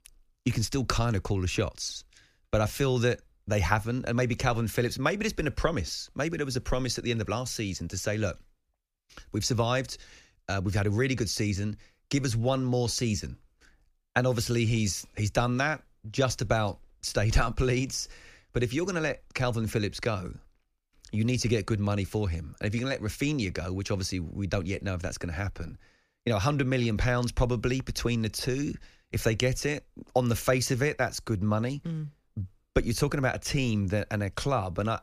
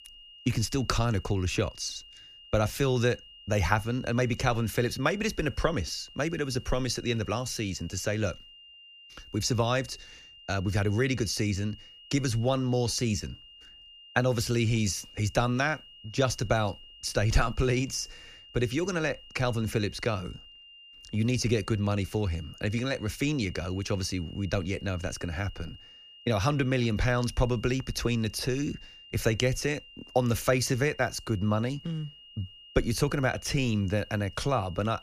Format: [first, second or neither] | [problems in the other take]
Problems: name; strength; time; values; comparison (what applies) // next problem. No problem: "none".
first | high-pitched whine; noticeable; throughout; 3 kHz, 20 dB below the speech